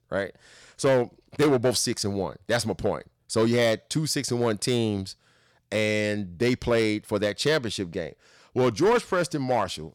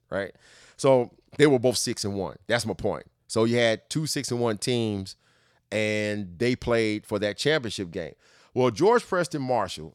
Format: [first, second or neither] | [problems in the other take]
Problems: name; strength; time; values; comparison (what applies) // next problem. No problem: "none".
second | distortion; slight; 4% of the sound clipped